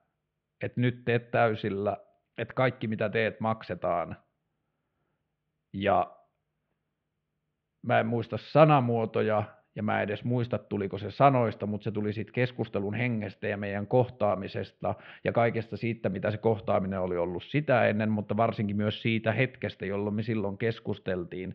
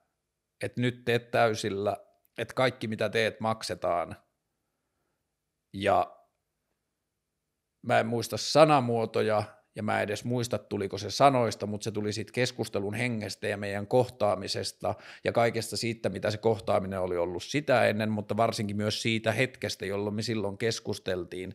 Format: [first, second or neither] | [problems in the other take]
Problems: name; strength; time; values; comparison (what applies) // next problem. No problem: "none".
second | muffled; very; fading above 3 kHz